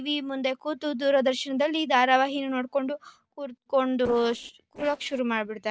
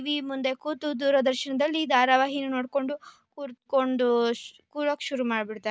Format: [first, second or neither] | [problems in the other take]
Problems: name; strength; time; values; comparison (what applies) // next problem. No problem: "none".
second | noise reduction (neural separator model SepFormer DNS4)